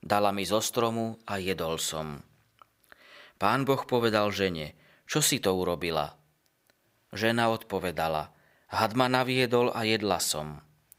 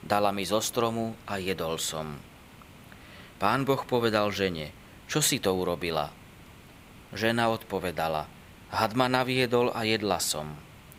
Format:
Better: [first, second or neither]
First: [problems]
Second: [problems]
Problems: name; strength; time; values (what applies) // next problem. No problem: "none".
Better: first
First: none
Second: hiss; faint; throughout; 20 dB below the speech